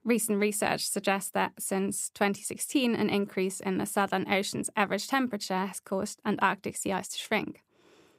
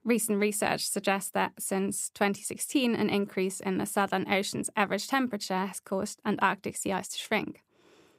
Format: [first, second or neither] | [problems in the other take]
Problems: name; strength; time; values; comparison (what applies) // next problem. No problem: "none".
neither | none